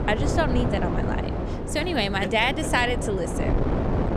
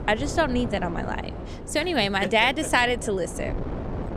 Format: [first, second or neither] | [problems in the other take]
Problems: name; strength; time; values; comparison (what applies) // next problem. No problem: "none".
second | wind noise on the microphone; heavy; 7 dB below the speech; occasional gusts in the second